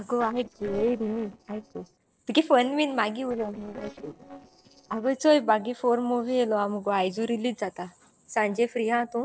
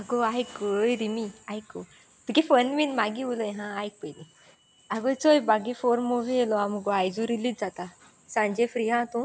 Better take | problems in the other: second | noise reduction (neural separator model SepFormer DNS4)

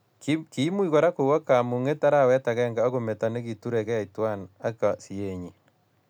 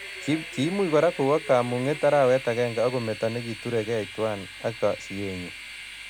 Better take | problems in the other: first | background sound (Train); 14 dB below the speech

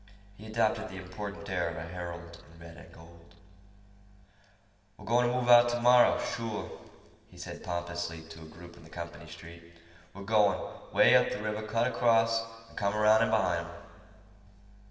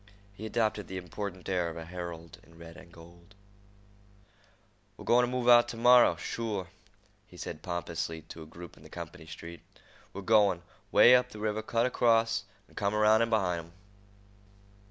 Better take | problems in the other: second | room echo; dies away in 2.1 s

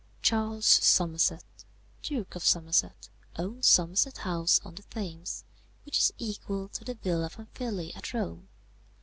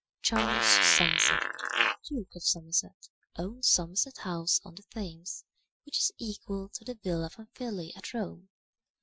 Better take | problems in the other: first | noise reduction (classical method Wiener filter)

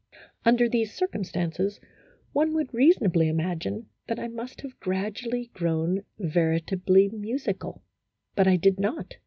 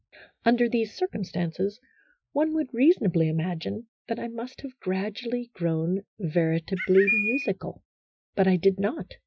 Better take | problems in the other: first | noise reduction (classical method Wiener filter)

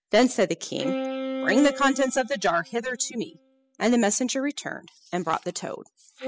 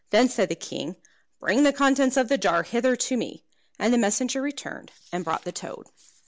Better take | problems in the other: second | noise reduction (classical method spectral subtraction)

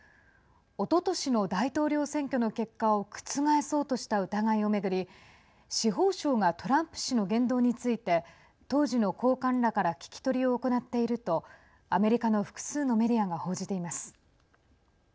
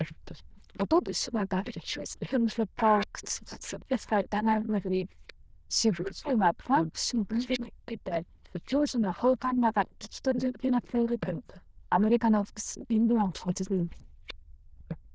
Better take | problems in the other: first | noise reduction (neural diffusion model UNIVERSE++)

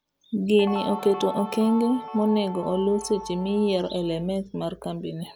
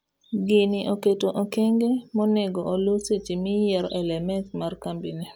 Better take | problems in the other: second | background sound (Guitar); 11 dB below the speech

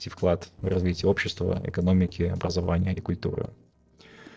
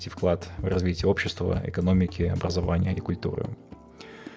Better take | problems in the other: second | noise reduction (neural separator model SepFormer DNS4)

